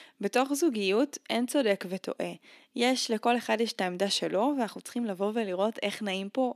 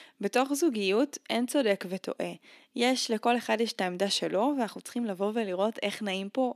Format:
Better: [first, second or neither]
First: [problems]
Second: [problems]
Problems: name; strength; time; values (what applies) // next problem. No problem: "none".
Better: neither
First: thin; somewhat; fading below 300 Hz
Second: thin; somewhat; fading below 300 Hz